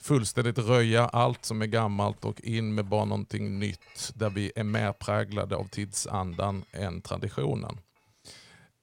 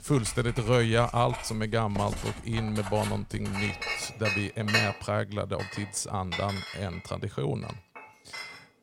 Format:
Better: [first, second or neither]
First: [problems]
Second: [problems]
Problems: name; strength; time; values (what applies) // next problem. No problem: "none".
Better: first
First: household noises; faint; throughout; 30 dB below the speech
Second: household noises; loud; throughout; 5 dB below the speech